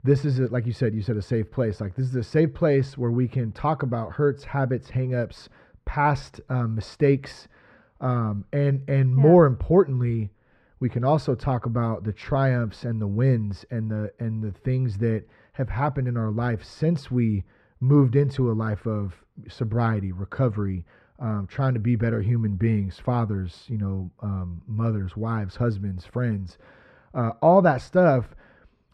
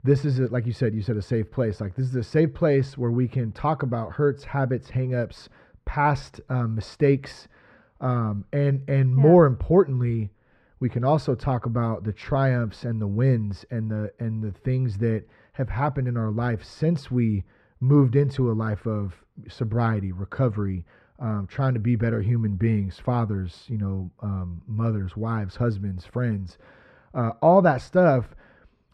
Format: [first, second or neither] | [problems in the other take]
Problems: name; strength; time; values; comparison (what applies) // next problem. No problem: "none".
neither | muffled; very; fading above 3.5 kHz; the same in both